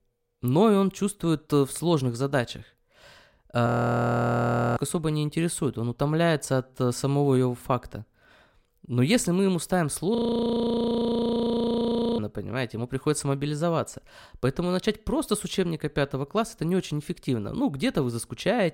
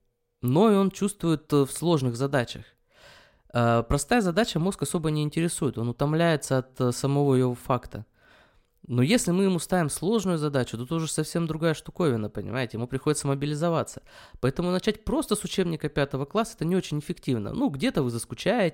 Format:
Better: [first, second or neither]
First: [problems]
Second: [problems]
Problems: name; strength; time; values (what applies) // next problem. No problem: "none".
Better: second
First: audio freezing; at 3.5 s for 1 s and at 10 s for 2 s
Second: none